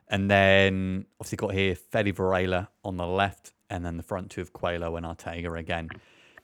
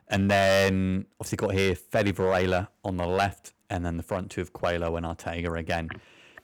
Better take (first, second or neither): first